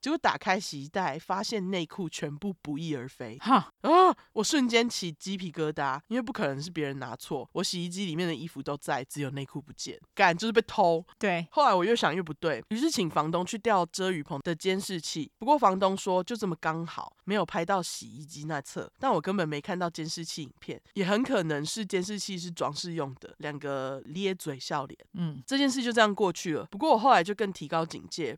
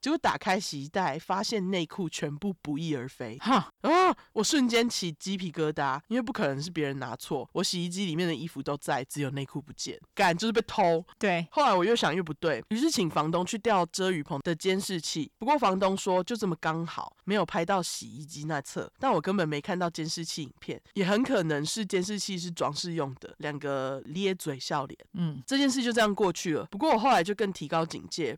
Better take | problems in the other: first | distortion; slight; 10 dB below the speech

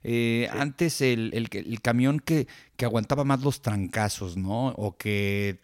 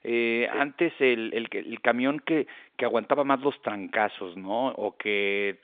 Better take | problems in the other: first | phone-call audio; nothing above 3.5 kHz

